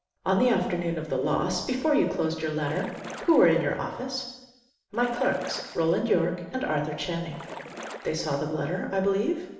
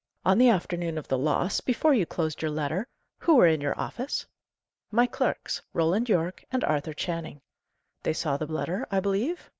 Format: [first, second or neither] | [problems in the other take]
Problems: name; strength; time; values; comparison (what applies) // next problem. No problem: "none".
second | background sound (Splash, splatter); 15 dB below the speech // room echo; dies away in 1 s